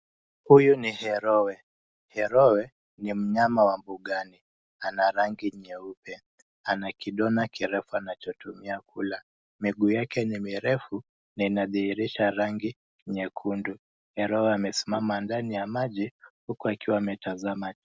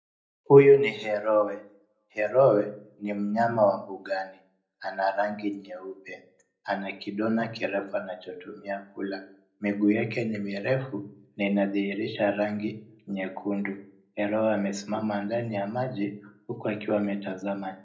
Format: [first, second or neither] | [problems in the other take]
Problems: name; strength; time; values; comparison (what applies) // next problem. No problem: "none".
first | room echo; dies away in 0.4 s